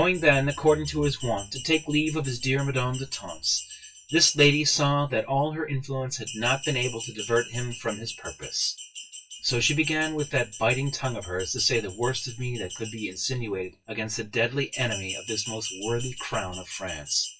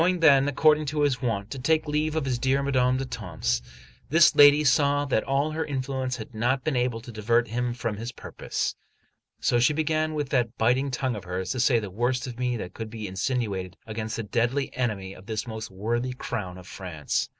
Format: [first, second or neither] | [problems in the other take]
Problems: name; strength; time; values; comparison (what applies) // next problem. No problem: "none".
second | noise reduction (classical method WPE with log-MMSE)